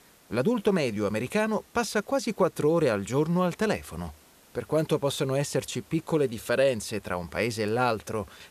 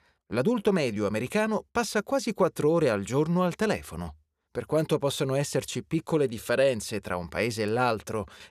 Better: second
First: hiss; faint; throughout; 30 dB below the speech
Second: none

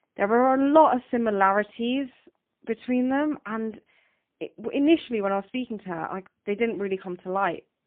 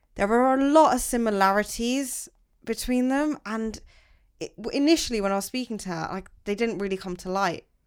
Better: second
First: phone-call audio; poor line; nothing above 3 kHz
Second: none

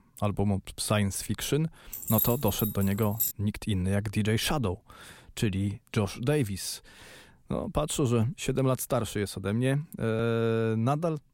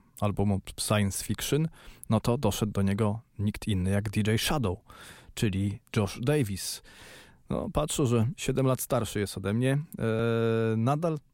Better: second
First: jangling keys; loud; from 2 to 3.5 s; peak 1 dB above the speech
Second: none

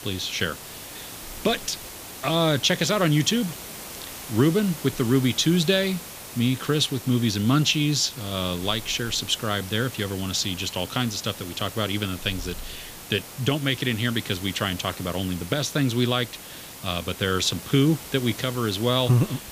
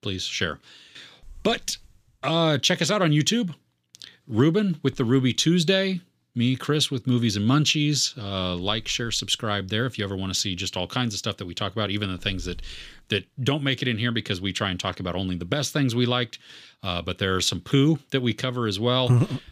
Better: second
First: hiss; noticeable; throughout; 15 dB below the speech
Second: none

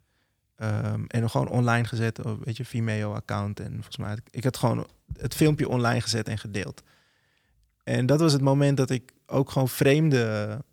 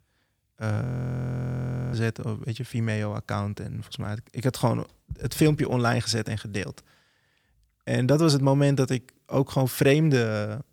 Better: first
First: none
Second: audio freezing; at 1 s for 1 s

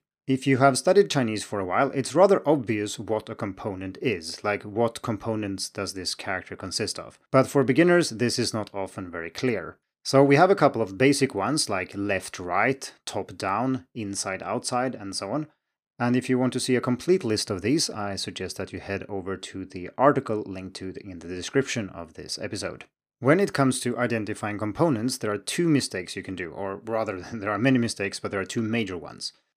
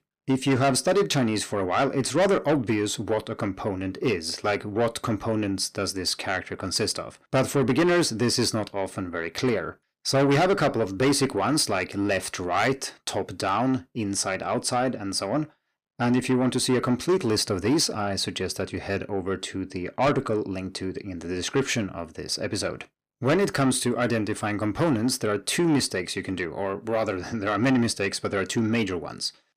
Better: first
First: none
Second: distortion; heavy; 7 dB below the speech

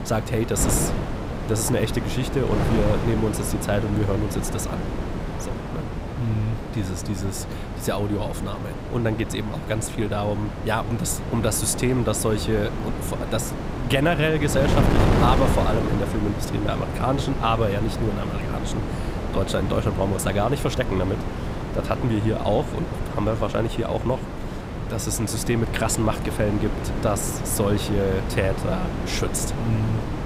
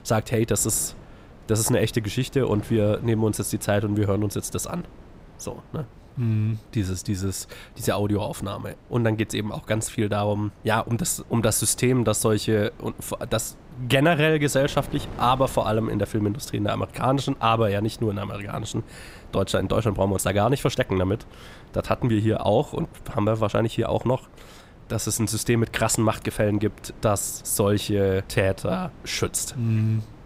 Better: second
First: wind noise on the microphone; heavy; 5 dB below the speech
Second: wind noise on the microphone; occasional gusts; 25 dB below the speech

